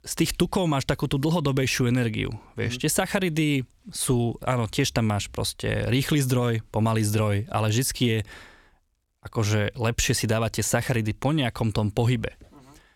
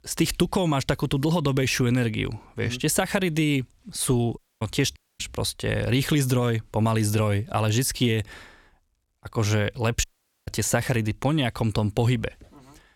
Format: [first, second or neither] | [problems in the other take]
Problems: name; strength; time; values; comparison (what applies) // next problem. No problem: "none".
first | audio cutting out; at 4.5 s, at 5 s and at 10 s